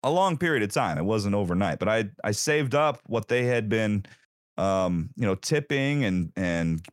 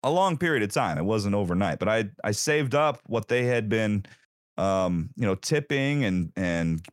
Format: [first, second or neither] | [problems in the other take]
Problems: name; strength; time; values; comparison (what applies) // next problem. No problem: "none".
neither | none